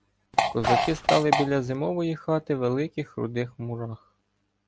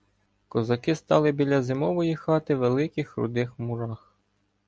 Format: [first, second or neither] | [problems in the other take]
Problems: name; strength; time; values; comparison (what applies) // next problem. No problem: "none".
second | background sound (Fart); 3 dB above the speech